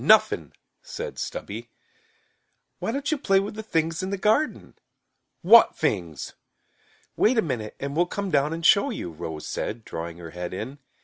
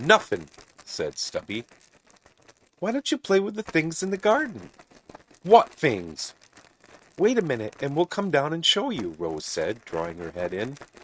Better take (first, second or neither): first